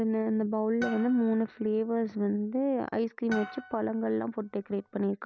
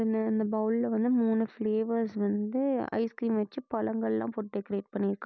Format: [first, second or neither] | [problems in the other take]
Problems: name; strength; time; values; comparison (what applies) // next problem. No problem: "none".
second | background sound (Harp); 16 dB below the speech